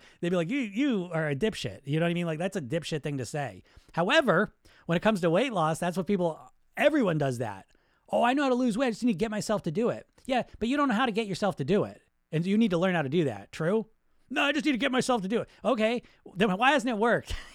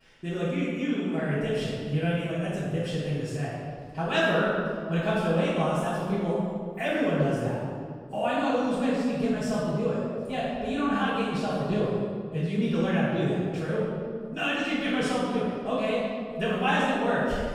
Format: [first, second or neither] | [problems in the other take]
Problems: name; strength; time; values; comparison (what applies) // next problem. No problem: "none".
first | room echo; strong; dies away in 1.8 s // off-mic speech; far